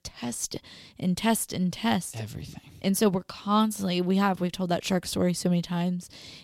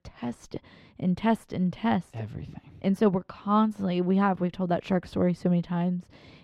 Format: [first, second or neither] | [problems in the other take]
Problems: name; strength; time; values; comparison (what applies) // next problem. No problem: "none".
first | muffled; very; fading above 3.5 kHz